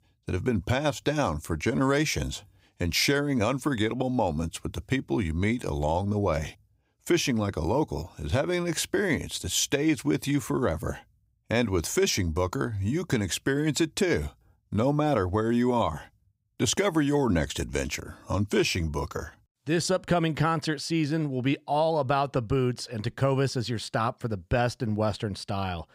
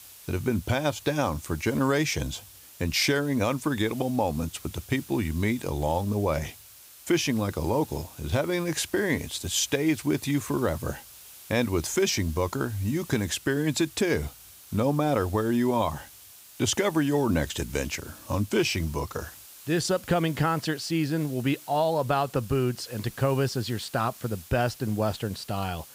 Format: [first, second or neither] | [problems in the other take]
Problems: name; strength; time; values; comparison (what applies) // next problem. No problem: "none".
first | hiss; noticeable; throughout; 20 dB below the speech